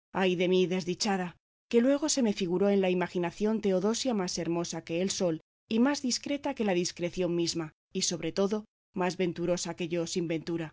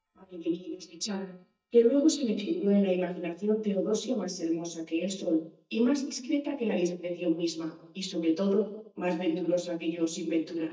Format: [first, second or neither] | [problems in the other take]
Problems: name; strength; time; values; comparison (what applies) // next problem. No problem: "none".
first | noise reduction (neural mask model DeepFilterNet 3)